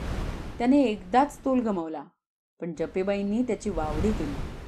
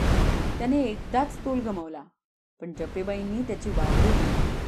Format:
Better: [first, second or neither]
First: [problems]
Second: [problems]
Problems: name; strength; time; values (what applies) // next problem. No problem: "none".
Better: first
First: wind noise on the microphone; occasional gusts; until 2 s and from 3 s on; 15 dB below the speech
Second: wind noise on the microphone; heavy; until 2 s and from 3 s on; 2 dB below the speech